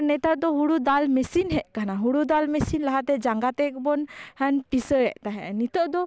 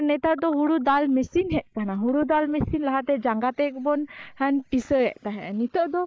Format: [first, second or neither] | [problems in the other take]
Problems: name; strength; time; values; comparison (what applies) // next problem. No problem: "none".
first | noise reduction (neural mask model Resemble Enhance denoiser)